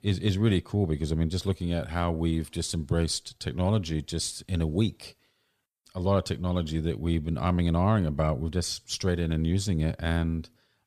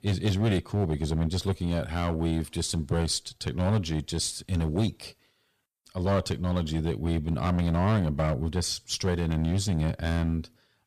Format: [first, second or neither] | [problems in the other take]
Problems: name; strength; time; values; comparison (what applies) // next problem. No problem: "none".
first | distortion; slight; 6% of the sound clipped